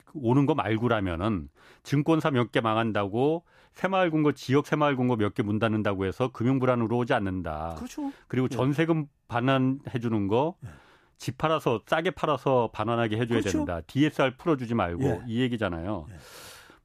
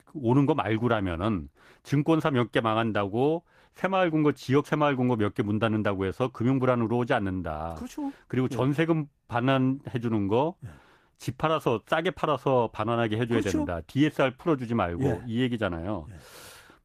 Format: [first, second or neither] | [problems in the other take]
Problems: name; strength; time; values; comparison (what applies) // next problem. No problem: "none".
first | garbled, watery; slightly; nothing above 14.5 kHz